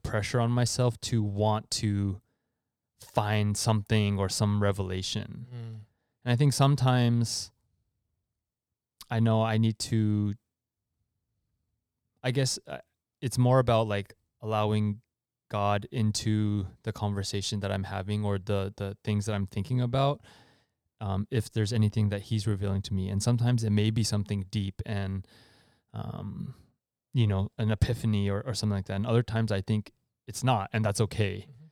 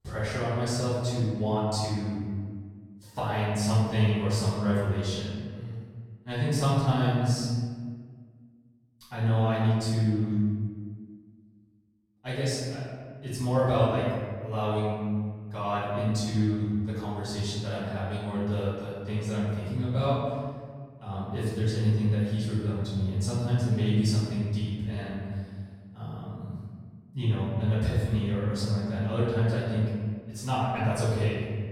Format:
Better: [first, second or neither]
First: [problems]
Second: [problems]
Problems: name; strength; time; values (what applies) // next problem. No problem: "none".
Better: first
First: none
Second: off-mic speech; far // room echo; strong; dies away in 1.6 s